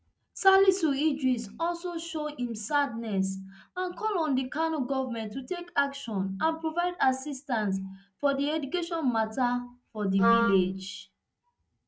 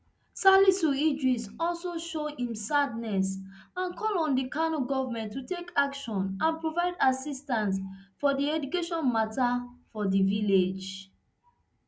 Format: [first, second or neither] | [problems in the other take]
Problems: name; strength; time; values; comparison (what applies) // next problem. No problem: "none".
second | noise reduction (neural mask model RNNoise)